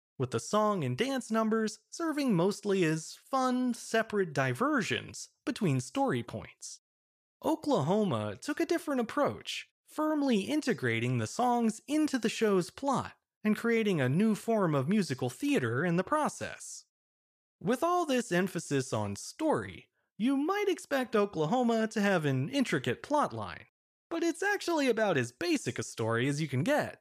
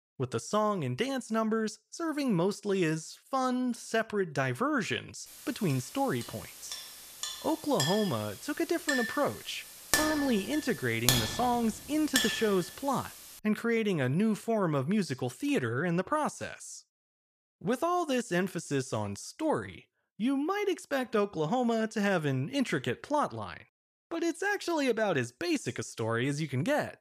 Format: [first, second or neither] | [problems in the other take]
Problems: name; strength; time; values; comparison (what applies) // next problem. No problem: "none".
first | clattering dishes; loud; from 6.5 to 12 s; peak 4 dB above the speech